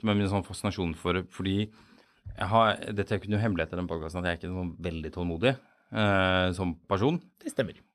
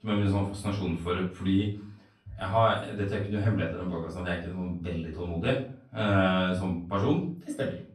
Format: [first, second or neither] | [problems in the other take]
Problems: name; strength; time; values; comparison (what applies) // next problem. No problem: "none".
first | off-mic speech; far // room echo; noticeable; dies away in 0.4 s